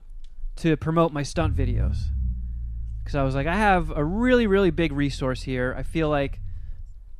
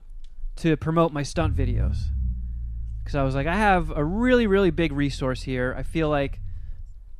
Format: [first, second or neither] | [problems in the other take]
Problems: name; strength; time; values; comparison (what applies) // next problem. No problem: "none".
neither | low rumble; faint; throughout; 25 dB below the speech; the same in both